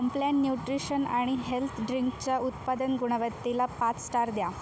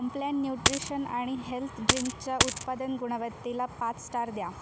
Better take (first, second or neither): first